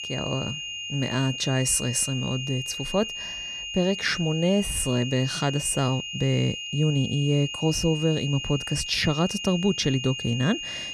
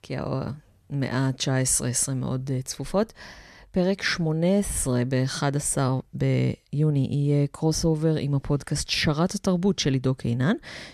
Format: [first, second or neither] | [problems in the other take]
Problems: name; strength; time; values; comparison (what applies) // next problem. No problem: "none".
second | high-pitched whine; loud; throughout; 3 kHz, 6 dB below the speech